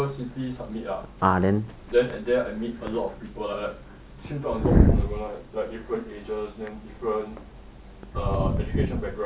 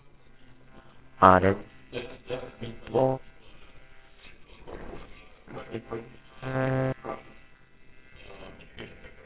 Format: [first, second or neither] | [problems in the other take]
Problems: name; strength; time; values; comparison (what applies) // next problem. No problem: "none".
first | noise reduction (neural separator model SepFormer WHAMR!)